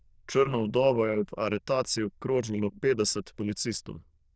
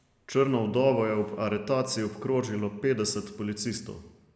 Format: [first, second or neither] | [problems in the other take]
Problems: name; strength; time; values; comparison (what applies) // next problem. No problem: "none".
second | noise reduction (neural diffusion model UNIVERSE++)